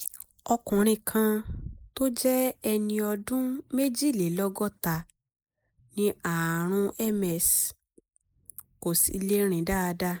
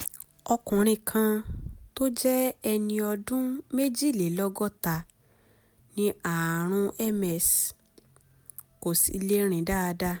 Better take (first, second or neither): second